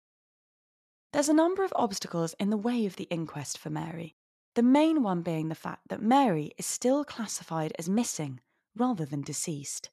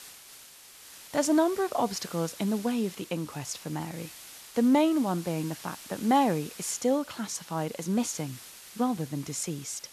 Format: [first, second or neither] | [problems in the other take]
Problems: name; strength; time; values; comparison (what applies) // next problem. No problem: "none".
first | hiss; noticeable; throughout; 15 dB below the speech